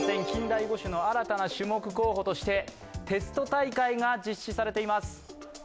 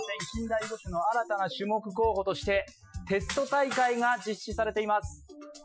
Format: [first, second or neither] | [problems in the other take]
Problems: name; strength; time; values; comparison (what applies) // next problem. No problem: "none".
first | noise reduction (classical method Wiener filter)